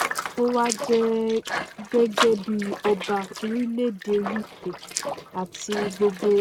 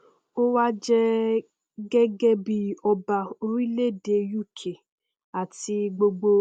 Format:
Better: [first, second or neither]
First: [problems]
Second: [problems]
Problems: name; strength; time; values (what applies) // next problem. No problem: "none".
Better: second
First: noise reduction (neural mask model RNNoise)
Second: none